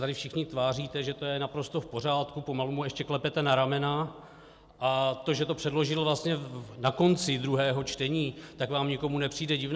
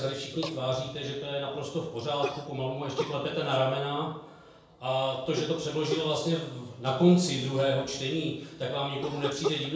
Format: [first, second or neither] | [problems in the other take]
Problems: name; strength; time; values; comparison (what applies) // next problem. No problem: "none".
first | background sound (Cough); 12 dB below the speech // room echo; dies away in 0.6 s